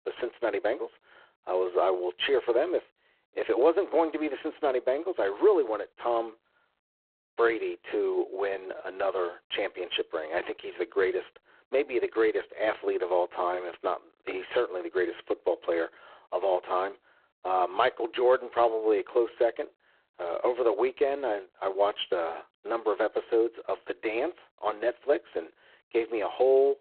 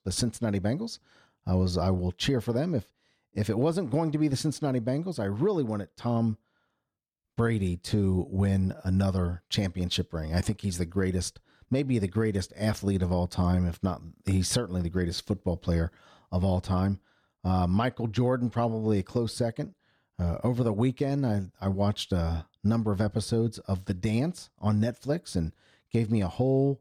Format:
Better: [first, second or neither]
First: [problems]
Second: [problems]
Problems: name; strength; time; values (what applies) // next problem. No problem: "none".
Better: second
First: phone-call audio; poor line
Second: none